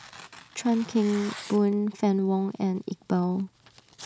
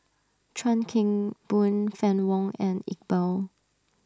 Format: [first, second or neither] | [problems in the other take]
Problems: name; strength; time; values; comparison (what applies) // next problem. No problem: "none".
second | background sound (Tearing); 20 dB below the speech